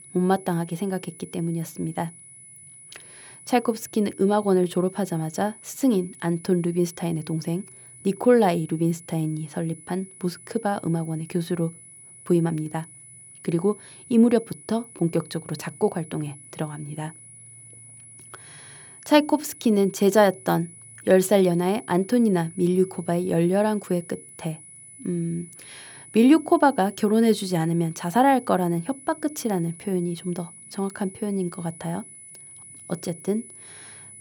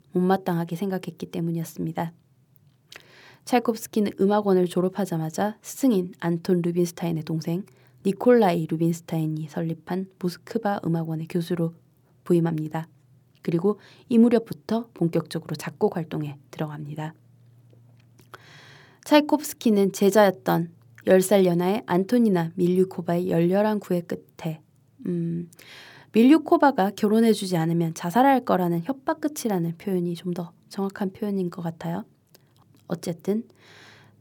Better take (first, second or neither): second